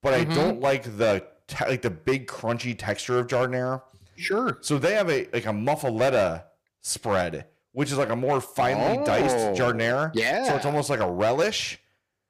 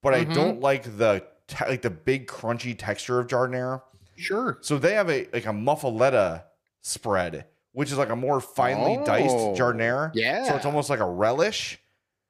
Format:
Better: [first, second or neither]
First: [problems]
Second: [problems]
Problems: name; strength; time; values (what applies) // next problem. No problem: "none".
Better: second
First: distortion; slight; 7% of the sound clipped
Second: none